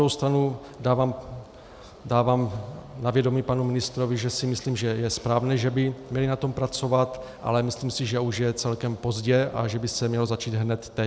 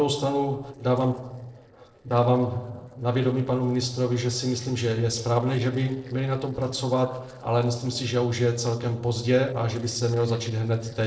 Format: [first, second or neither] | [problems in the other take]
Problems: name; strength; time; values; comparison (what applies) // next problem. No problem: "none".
first | noise reduction (neural separator model SepFormer DNS4)